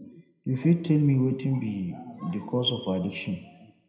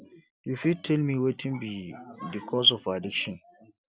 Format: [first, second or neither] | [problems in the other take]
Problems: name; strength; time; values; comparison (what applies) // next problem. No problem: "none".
second | room echo; dies away in 0.8 s